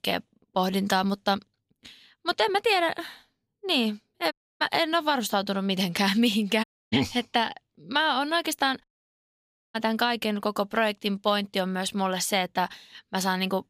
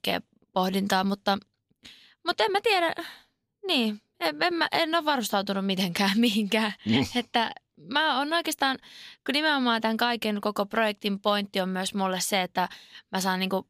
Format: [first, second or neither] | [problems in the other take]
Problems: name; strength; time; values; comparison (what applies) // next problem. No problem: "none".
second | audio cutting out; at 4.5 s, at 6.5 s and at 9 s for 1 s